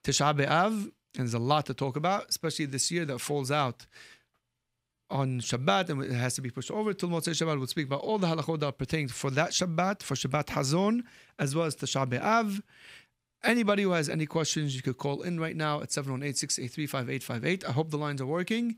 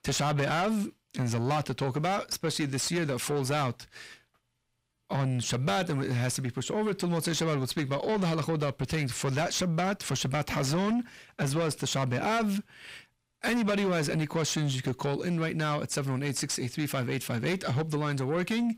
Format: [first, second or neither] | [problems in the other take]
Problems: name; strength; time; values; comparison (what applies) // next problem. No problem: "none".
first | distortion; heavy; 7 dB below the speech